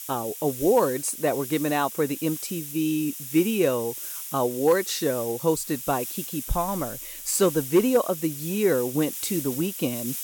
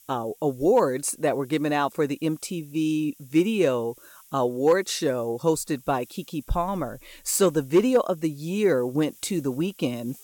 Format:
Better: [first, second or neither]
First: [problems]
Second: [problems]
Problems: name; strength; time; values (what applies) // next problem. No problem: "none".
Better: second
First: hiss; loud; throughout; 8 dB below the speech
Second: hiss; faint; throughout; 25 dB below the speech